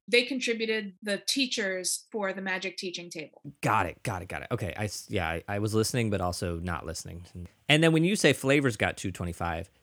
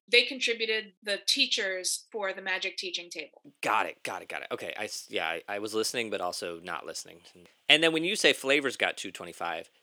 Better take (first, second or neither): first